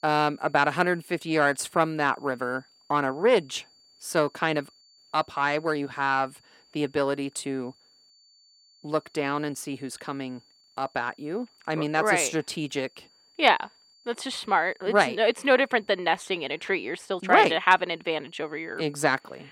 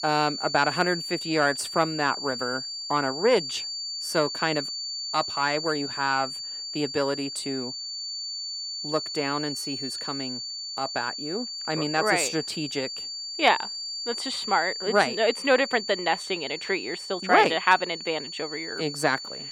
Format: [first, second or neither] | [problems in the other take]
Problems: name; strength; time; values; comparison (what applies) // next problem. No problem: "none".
first | high-pitched whine; loud; throughout; 4.5 kHz, 6 dB below the speech; faint in the first